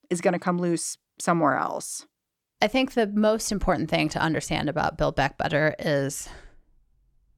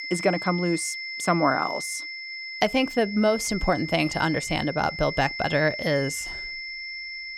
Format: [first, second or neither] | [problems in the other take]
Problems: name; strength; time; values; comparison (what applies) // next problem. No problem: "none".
first | high-pitched whine; loud; throughout; 2 kHz, 7 dB below the speech